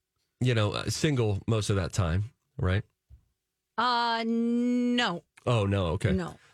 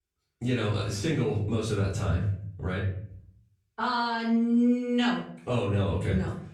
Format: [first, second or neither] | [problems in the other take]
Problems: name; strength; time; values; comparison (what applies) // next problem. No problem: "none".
first | room echo; noticeable; dies away in 0.5 s // off-mic speech; far